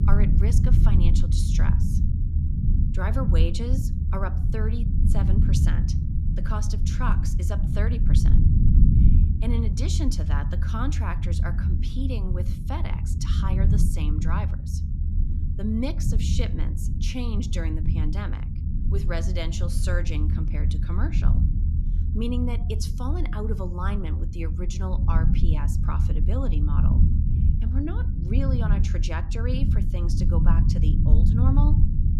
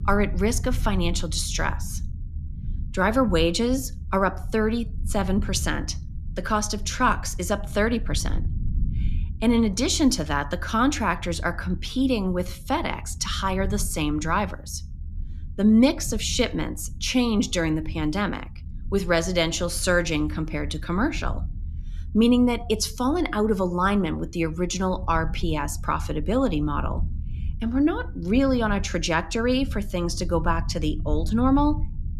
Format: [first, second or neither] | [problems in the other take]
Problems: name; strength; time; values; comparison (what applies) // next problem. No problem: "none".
second | low rumble; loud; throughout; 3 dB below the speech; faint in the second